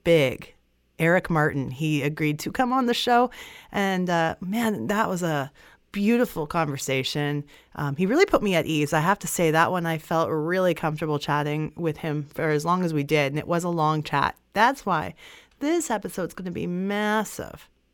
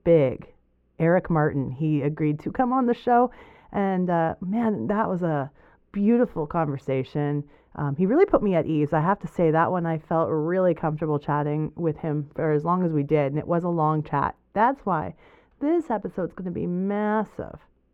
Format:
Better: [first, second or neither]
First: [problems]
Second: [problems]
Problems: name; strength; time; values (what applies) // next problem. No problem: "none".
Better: first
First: none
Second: muffled; very; fading above 2.5 kHz